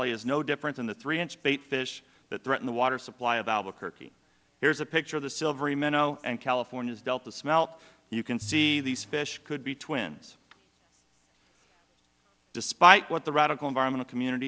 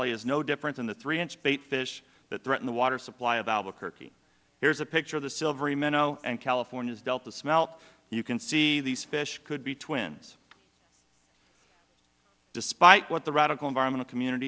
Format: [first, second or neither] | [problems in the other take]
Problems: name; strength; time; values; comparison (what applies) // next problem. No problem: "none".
second | background sound (Piano); 19 dB below the speech